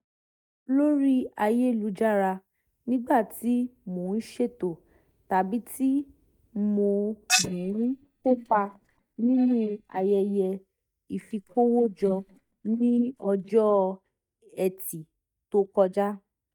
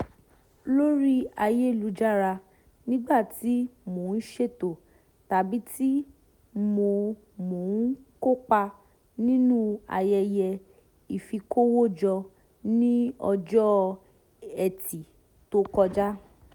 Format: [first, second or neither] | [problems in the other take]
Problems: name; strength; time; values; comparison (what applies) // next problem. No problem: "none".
second | noise reduction (neural mask model DeepFilterNet 3)